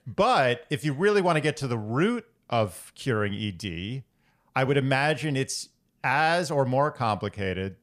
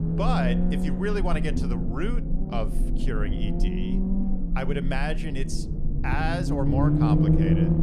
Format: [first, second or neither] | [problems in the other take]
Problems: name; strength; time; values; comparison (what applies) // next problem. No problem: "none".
first | low rumble; loud; throughout; 2 dB below the speech